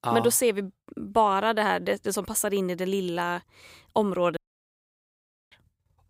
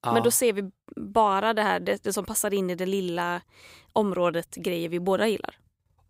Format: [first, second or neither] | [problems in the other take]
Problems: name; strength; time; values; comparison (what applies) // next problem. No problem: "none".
second | audio cutting out; at 4.5 s for 1 s